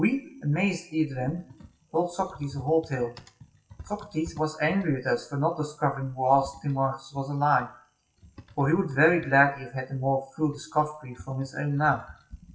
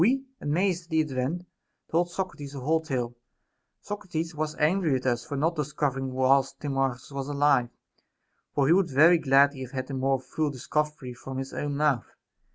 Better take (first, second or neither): second